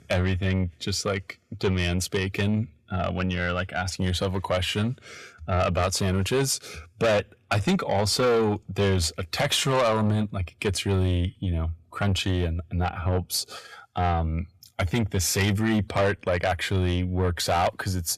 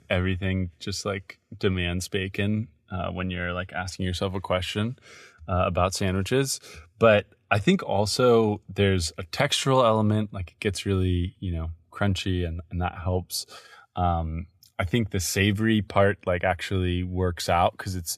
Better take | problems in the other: second | distortion; heavy; 7 dB below the speech

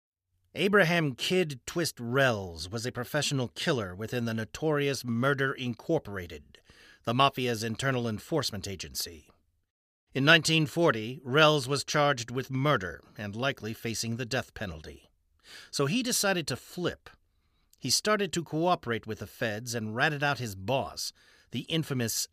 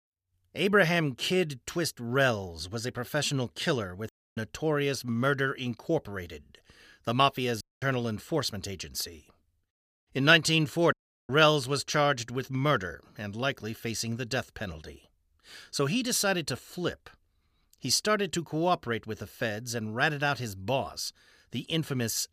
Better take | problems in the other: first | audio cutting out; at 4 s, at 7.5 s and at 11 s

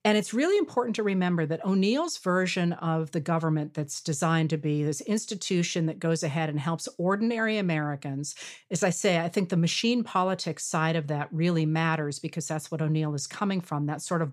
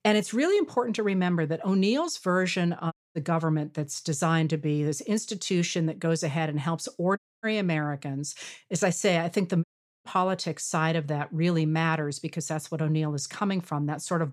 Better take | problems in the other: first | audio cutting out; at 3 s, at 7 s and at 9.5 s

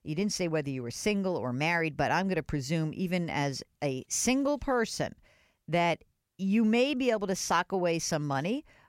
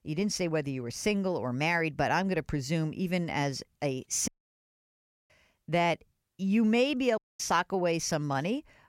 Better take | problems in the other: first | audio cutting out; at 4.5 s for 1 s and at 7 s

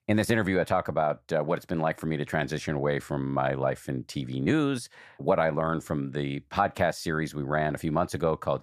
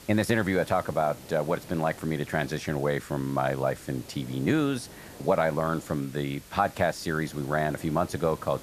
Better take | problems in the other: first | hiss; noticeable; throughout; 20 dB below the speech

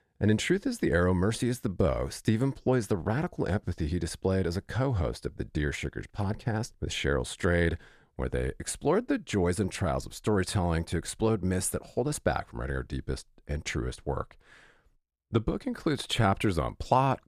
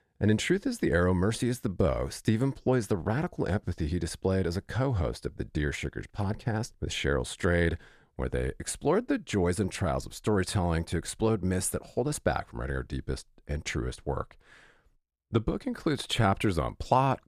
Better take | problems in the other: neither | none

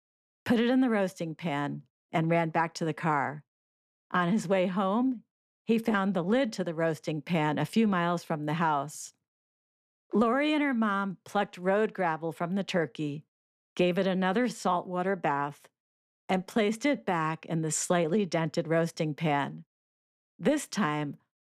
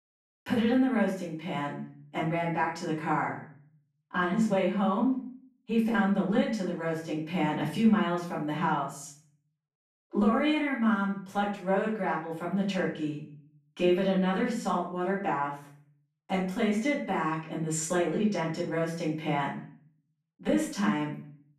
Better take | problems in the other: first | off-mic speech; far // room echo; noticeable; dies away in 0.5 s

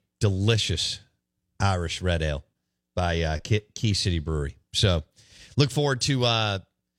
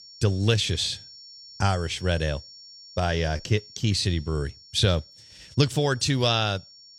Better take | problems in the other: first | high-pitched whine; noticeable; throughout; 5.5 kHz, 20 dB below the speech

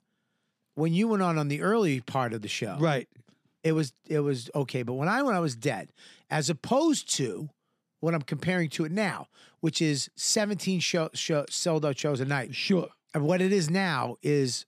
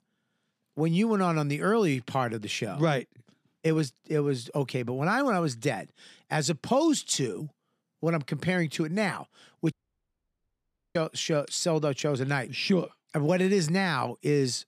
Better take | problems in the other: first | audio cutting out; at 9.5 s for 1 s

